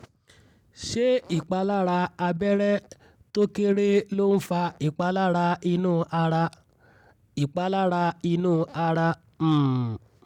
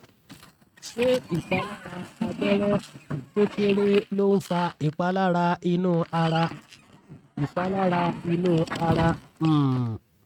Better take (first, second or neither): first